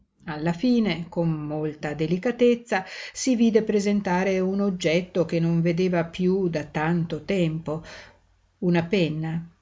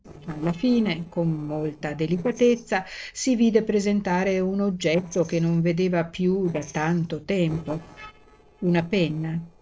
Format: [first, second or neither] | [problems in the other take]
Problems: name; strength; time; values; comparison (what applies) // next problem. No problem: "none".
first | noise reduction (neural separator model SepFormer DNS4)